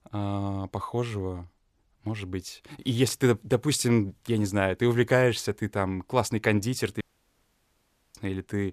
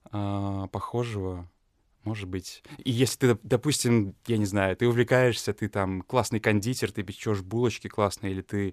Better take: second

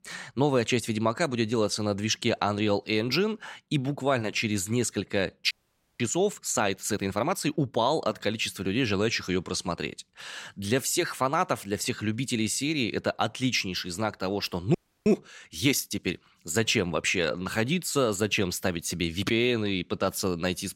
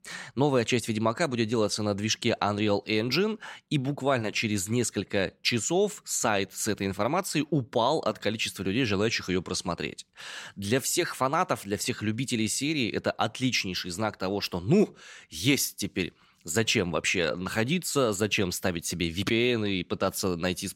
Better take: second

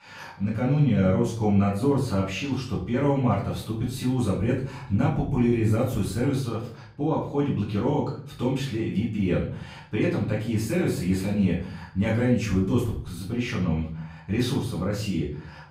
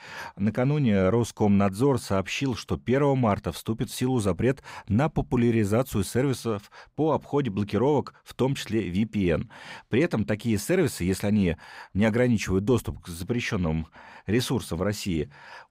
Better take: second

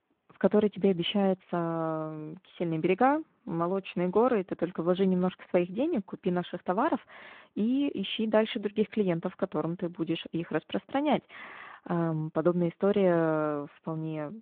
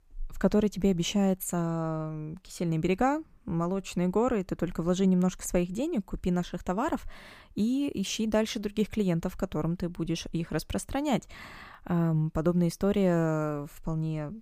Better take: second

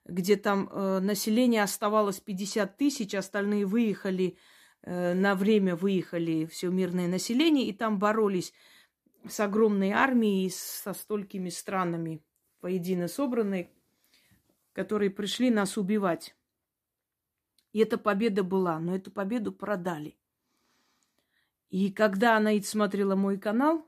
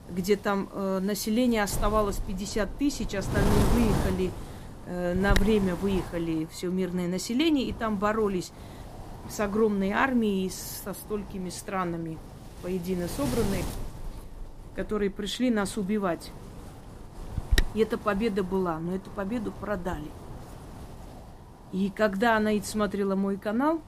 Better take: first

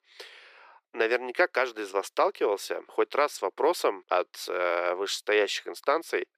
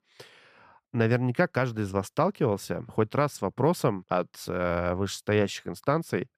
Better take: second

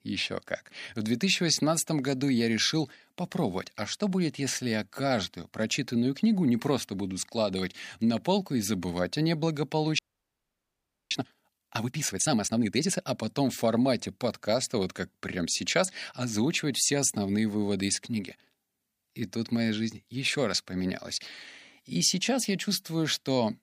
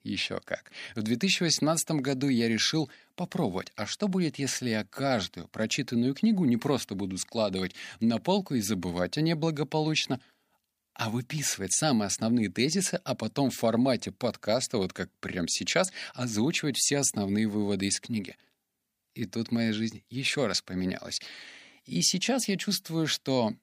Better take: second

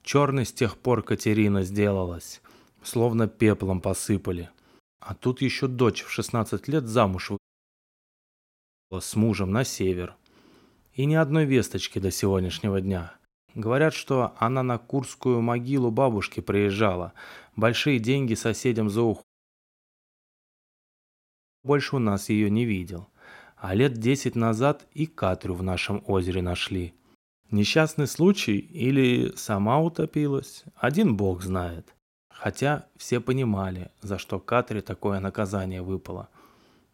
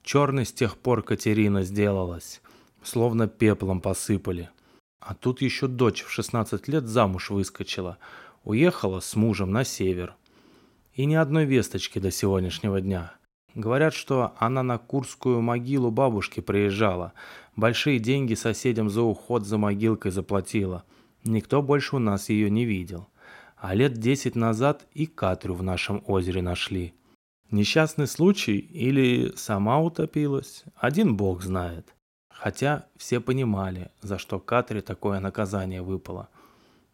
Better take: second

